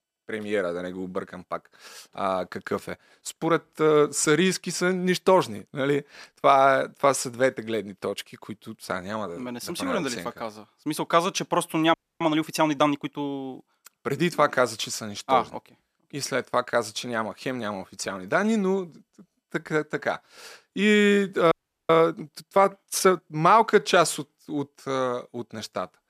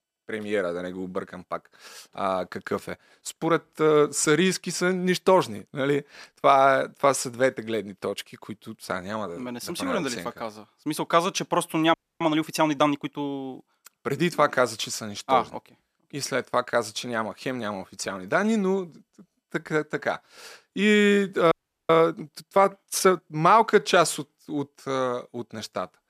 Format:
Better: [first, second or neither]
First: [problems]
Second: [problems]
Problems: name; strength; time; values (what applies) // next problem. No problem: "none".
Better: neither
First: audio freezing; at 12 s and at 22 s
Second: audio freezing; at 12 s and at 22 s